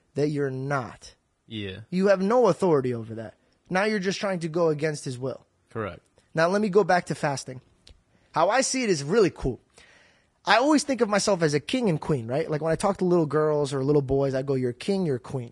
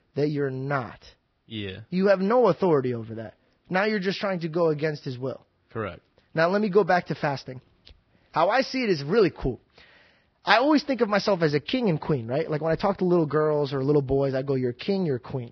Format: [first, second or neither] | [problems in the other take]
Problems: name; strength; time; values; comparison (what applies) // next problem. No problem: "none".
first | garbled, watery; badly; nothing above 5.5 kHz; slightly in the first